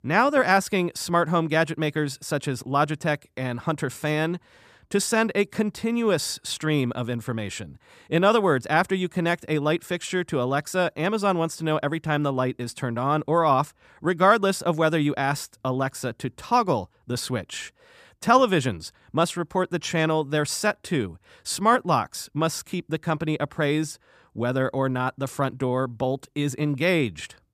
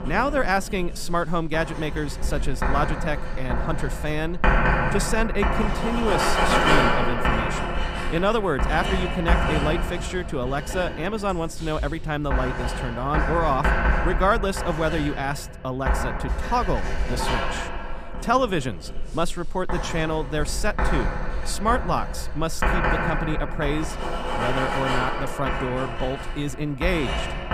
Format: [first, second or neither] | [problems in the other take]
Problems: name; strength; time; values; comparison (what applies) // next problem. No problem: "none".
first | household noises; very loud; throughout; as loud as the speech